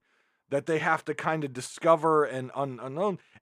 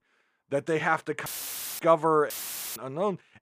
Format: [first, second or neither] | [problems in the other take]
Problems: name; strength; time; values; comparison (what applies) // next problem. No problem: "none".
first | audio cutting out; filled with static; at 1.5 s for 0.5 s and at 2.5 s